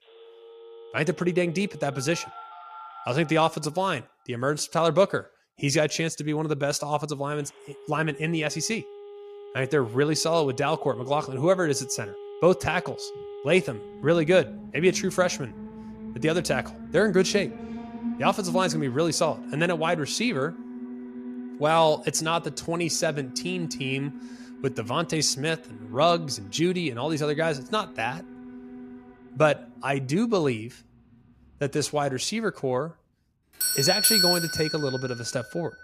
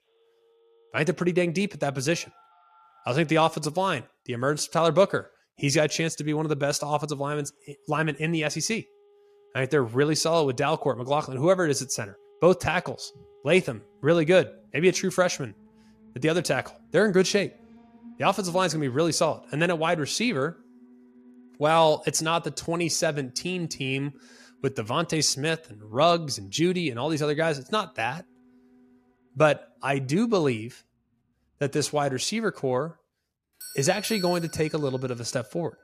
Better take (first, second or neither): second